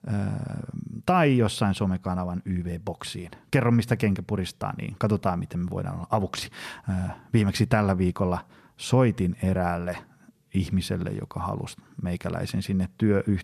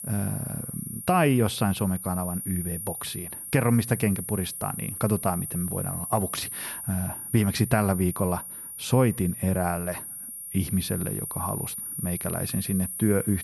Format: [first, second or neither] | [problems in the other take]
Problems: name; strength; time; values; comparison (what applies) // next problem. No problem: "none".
first | high-pitched whine; loud; throughout; 9.5 kHz, 6 dB below the speech